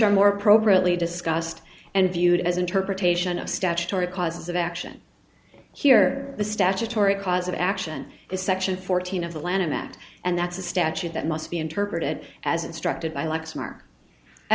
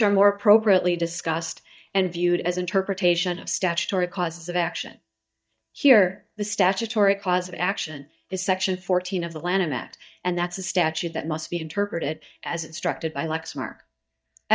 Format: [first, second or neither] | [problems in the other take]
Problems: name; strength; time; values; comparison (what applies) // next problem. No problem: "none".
first | noise reduction (neural mask model DeepFilterNet 3)